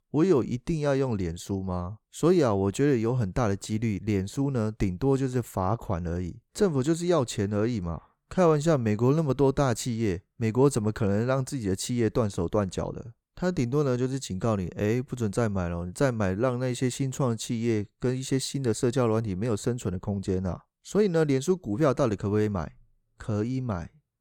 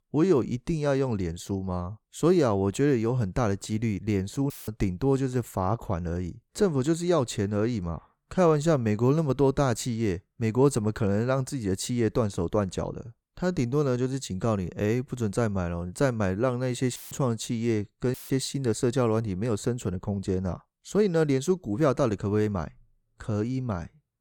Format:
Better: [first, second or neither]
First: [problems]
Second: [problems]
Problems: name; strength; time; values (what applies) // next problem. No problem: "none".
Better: first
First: none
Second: audio cutting out; filled with static; at 4.5 s, at 17 s and at 18 s